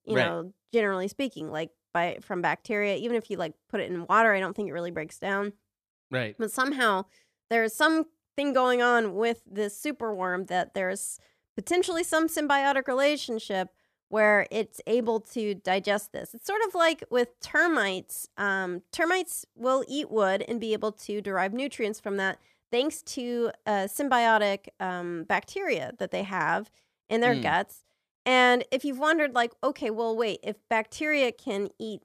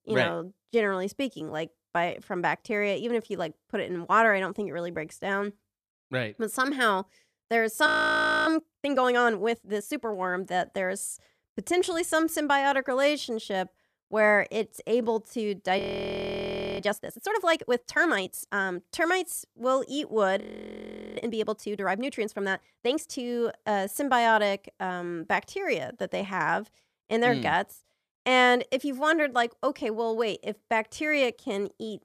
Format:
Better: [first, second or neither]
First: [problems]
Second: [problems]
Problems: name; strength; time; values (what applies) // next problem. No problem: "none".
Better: first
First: none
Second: audio freezing; at 8 s for 0.5 s, at 16 s for 1 s and at 20 s for 1 s